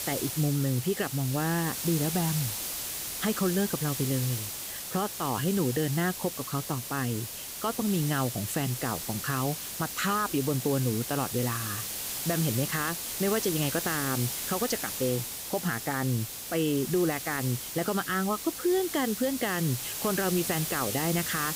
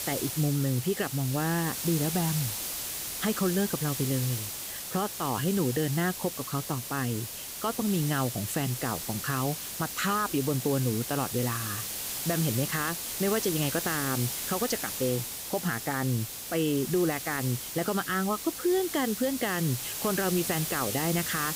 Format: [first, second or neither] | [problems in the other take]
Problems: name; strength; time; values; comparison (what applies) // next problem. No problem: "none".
neither | hiss; loud; throughout; 3 dB below the speech; the same in both